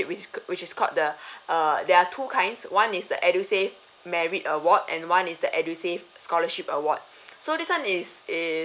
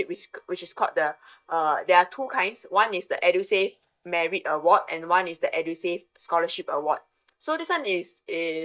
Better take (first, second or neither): first